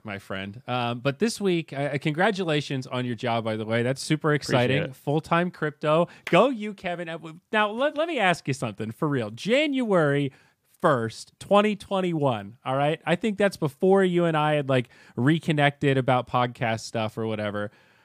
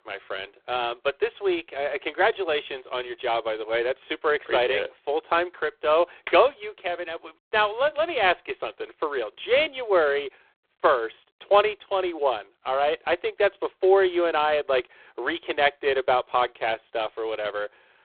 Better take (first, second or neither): first